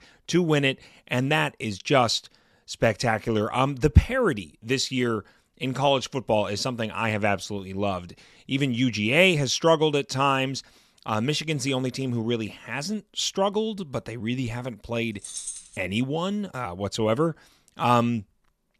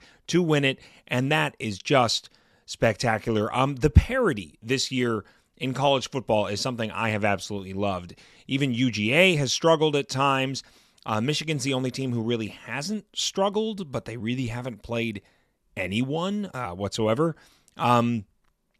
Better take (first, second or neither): second